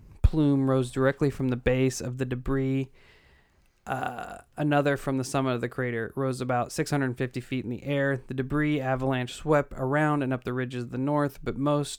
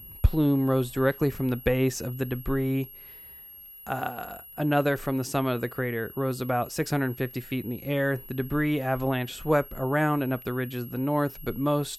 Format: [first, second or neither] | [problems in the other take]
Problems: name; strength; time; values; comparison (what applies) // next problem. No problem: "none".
first | high-pitched whine; noticeable; throughout; 11.5 kHz, 15 dB below the speech